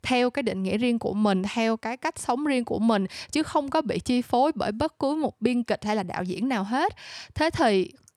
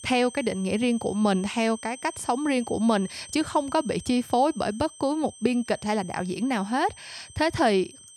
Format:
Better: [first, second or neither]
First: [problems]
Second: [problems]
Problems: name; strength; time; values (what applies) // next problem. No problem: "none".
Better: first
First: none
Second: high-pitched whine; noticeable; throughout; 8.5 kHz, 15 dB below the speech